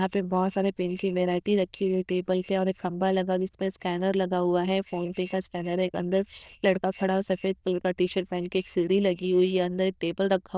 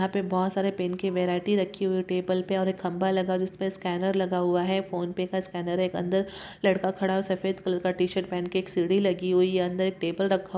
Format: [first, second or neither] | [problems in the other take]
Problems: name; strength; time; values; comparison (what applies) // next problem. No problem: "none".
second | noise reduction (neural diffusion model UNIVERSE++)